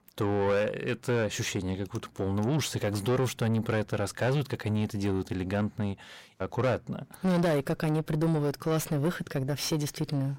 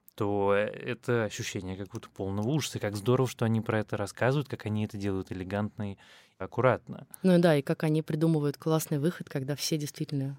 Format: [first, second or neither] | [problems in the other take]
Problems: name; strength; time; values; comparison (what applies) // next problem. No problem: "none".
second | distortion; heavy; 6 dB below the speech